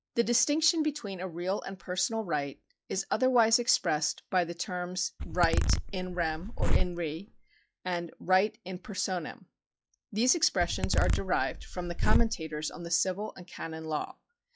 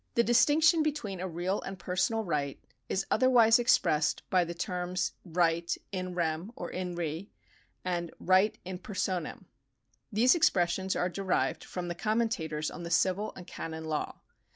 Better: second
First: noise reduction (classical method log-MMSE)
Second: none

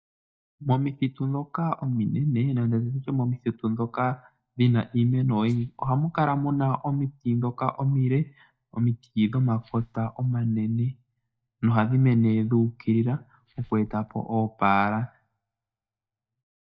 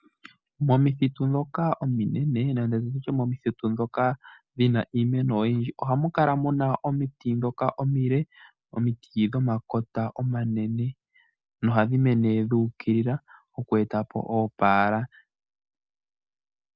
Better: second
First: noise reduction (neural mask model DeepFilterNet 3)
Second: none

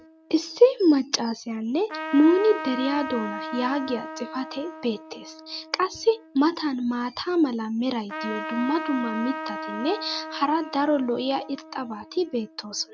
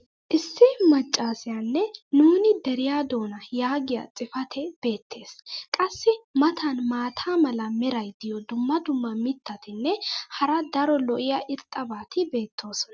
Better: second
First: background sound (Trumpet); 11 dB below the speech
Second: none

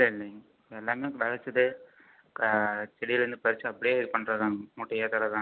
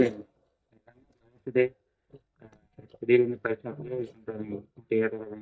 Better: first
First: none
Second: noise reduction (neural mask model DeepFilterNet 3)

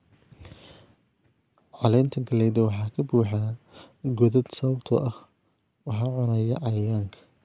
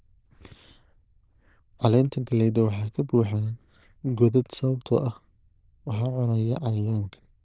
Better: first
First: none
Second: noise reduction (neural diffusion model UNIVERSE++)

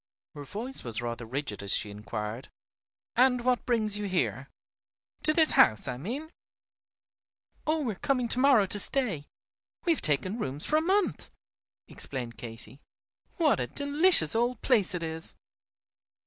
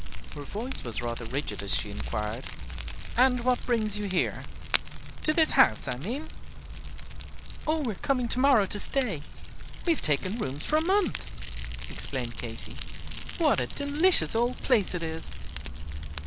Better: first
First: none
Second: background sound (Fire); 3 dB below the speech

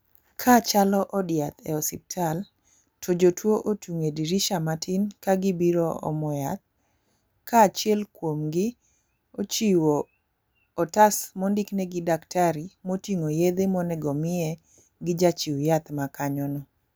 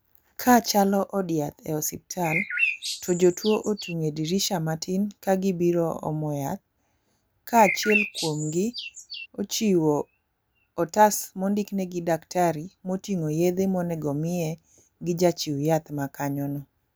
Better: first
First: none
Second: background sound (Bird); 5 dB below the speech

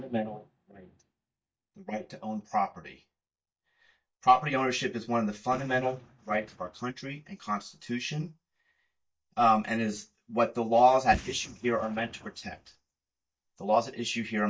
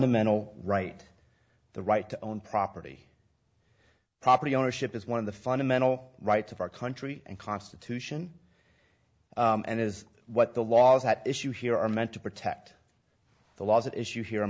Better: second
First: noise reduction (neural mask model DeepFilterNet 3)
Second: none

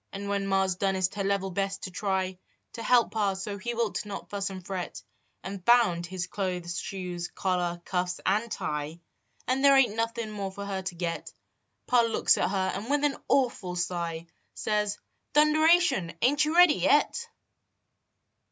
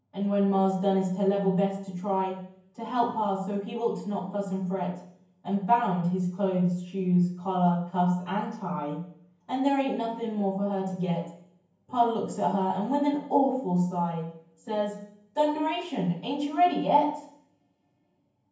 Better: first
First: none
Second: room echo; dies away in 0.9 s

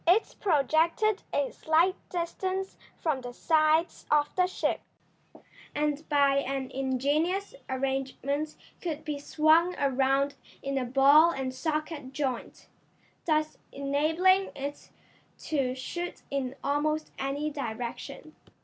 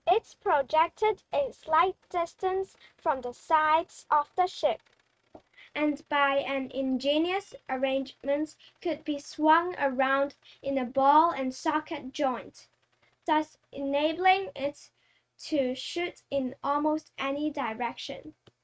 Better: first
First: none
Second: noise reduction (neural mask model RNNoise)

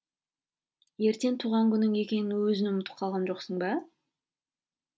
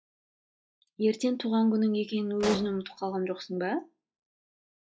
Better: first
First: none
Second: noise reduction (classical method log-MMSE)

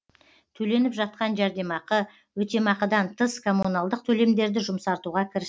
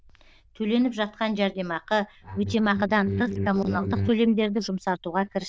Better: first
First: none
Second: noise reduction (neural diffusion model UNIVERSE++)

